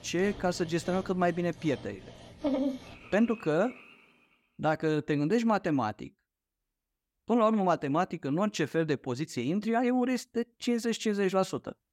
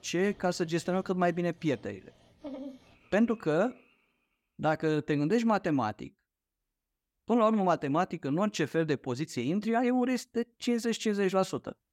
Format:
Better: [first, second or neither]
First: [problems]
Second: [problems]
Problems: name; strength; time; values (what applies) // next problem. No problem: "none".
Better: second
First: animal sounds; loud; until 4 s; 10 dB below the speech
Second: animal sounds; faint; until 4 s; 20 dB below the speech